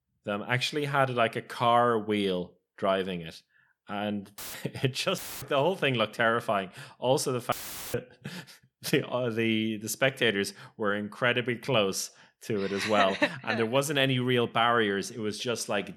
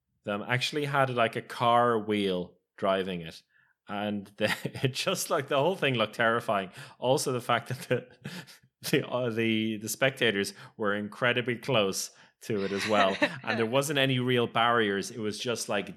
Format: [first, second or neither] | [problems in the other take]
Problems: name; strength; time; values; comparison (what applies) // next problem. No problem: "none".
second | audio cutting out; filled with static; at 4.5 s, at 5 s and at 7.5 s